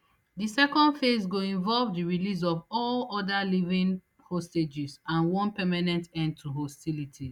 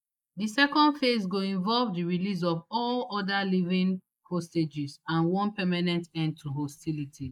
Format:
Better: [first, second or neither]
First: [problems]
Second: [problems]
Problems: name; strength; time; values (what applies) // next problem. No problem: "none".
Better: first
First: none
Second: noise reduction (neural mask model Resemble Enhance denoiser)